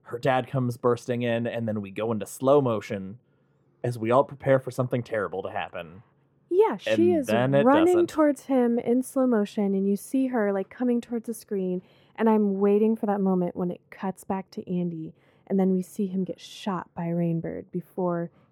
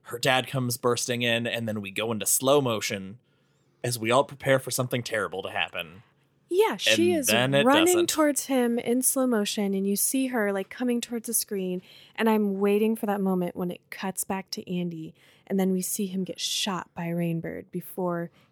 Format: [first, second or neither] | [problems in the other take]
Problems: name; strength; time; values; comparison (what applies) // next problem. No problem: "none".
second | muffled; very; fading above 2 kHz